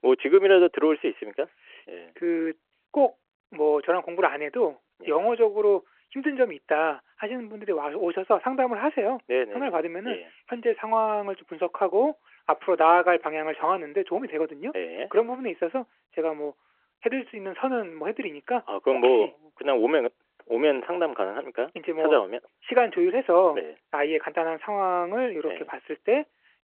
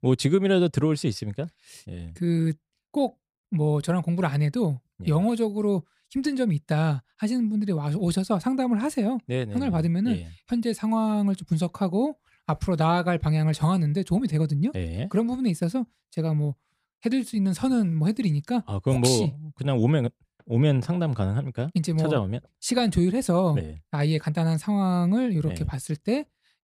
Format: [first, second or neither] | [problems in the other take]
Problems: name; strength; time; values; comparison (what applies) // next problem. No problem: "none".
second | phone-call audio